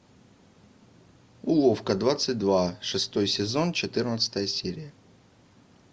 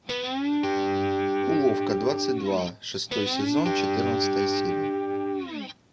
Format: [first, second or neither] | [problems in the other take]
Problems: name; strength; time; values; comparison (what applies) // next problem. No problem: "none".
first | background sound (Guitar); 4 dB above the speech